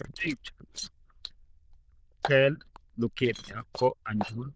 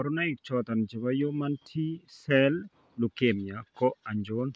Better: second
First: noise reduction (neural diffusion model UNIVERSE++)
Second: none

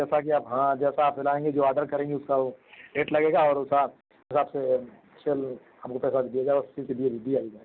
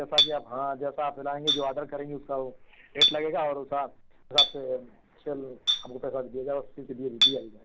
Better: first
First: none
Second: background sound (Chink, clink); 2 dB above the speech

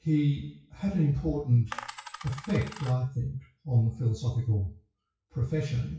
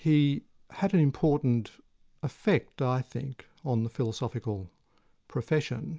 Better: second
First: noise reduction (classical method WPE with log-MMSE)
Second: none

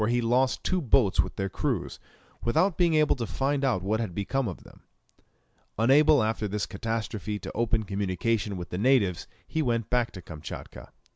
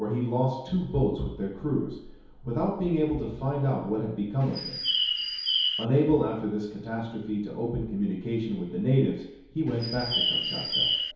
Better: first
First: none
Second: background sound (Bird); as loud as the speech // room echo; dies away in 2.2 s

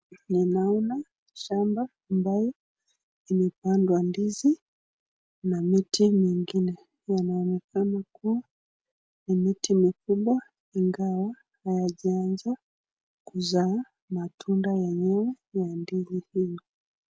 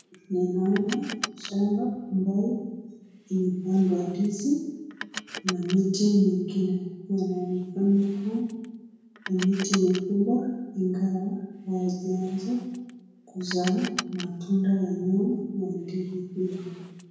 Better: first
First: none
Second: background sound (Car); 16 dB below the speech // room echo; dies away in 1 s

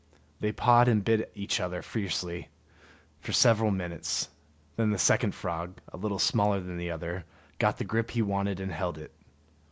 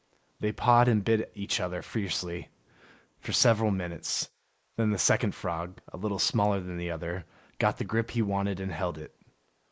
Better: first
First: none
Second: noise reduction (neural mask model Resemble Enhance denoiser)

